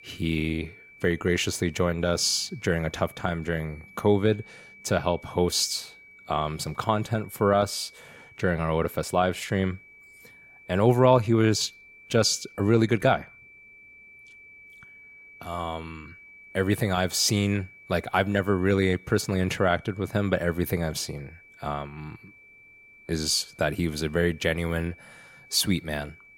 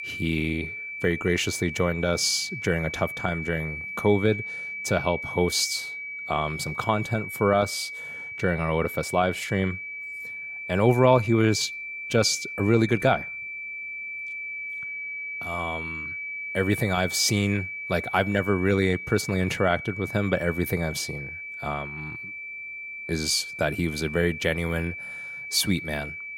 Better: first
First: high-pitched whine; faint; throughout; 2.5 kHz, 25 dB below the speech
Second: high-pitched whine; loud; throughout; 2.5 kHz, 8 dB below the speech

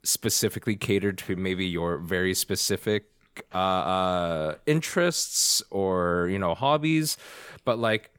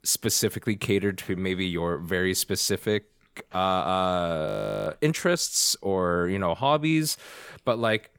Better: first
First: none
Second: audio freezing; at 4.5 s

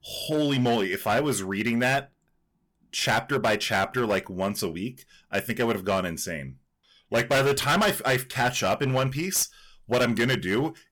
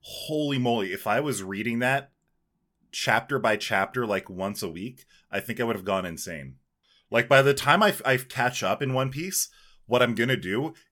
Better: second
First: distortion; heavy; 9% of the sound clipped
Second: none

